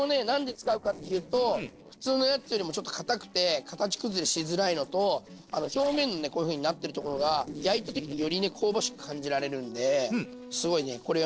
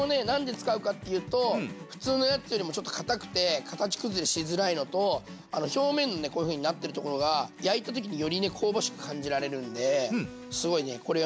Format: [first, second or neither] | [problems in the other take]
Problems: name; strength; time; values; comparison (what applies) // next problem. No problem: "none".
second | noise reduction (neural separator model SepFormer DNS4)